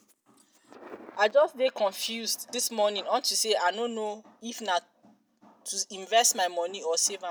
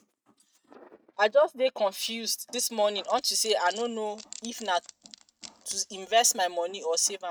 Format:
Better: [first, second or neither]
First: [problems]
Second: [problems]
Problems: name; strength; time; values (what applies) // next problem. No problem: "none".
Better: first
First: none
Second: noise reduction (neural mask model RNNoise)